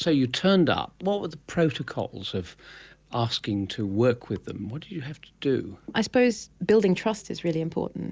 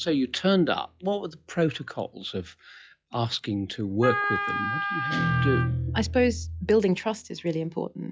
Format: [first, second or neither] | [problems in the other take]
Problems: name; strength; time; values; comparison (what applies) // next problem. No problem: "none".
first | noise reduction (classical method log-MMSE)